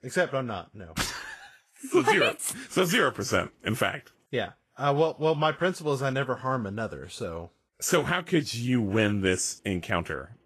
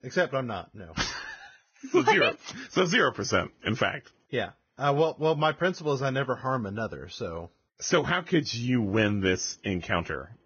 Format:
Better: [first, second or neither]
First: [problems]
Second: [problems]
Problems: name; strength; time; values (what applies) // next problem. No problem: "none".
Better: first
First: garbled, watery; slightly; nothing above 12.5 kHz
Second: garbled, watery; badly; nothing above 6.5 kHz